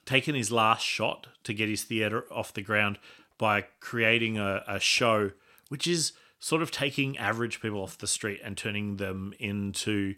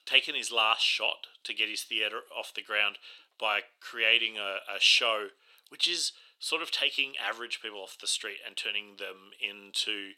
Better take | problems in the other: first | thin; very; fading below 450 Hz

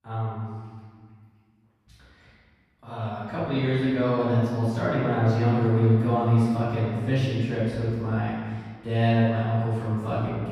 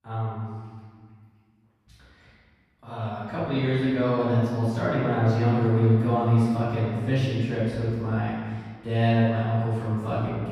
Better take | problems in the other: neither | room echo; strong; dies away in 1.8 s; the same in both // off-mic speech; far; the same in both

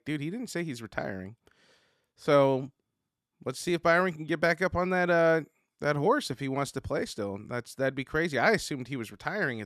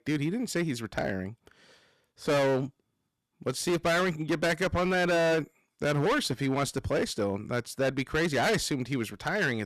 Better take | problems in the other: first | distortion; heavy; 15% of the sound clipped

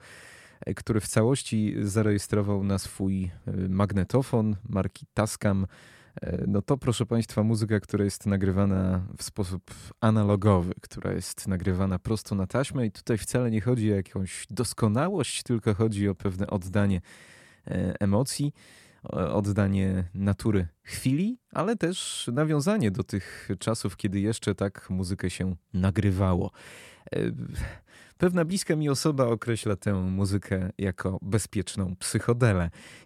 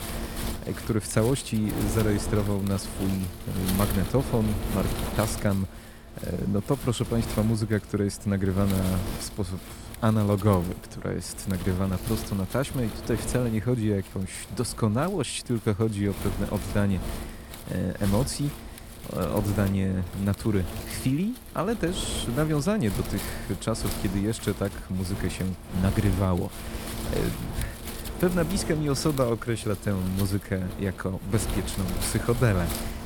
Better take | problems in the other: first | wind noise on the microphone; heavy; 8 dB below the speech

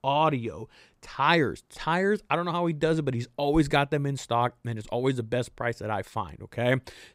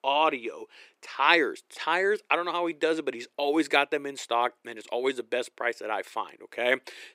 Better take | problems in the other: first | thin; somewhat; fading below 350 Hz

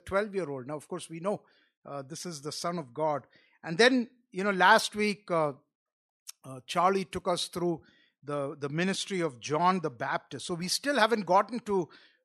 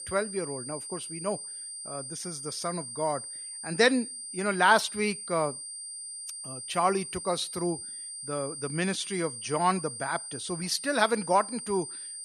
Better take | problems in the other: first | high-pitched whine; loud; throughout; 9 kHz, 8 dB below the speech

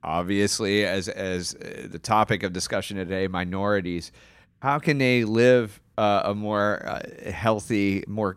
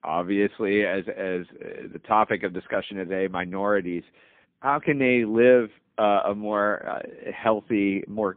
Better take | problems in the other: first | phone-call audio; poor line

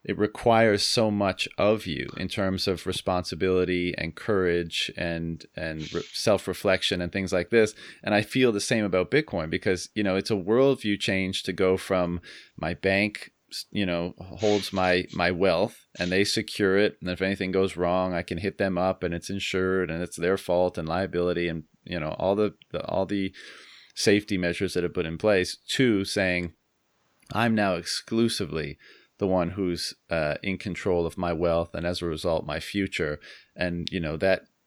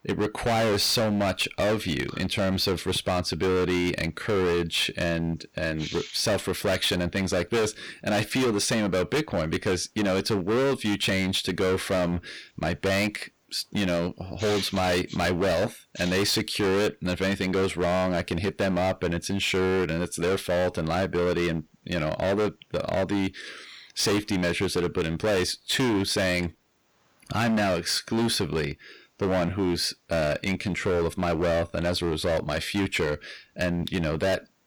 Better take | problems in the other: first | distortion; heavy; 20% of the sound clipped

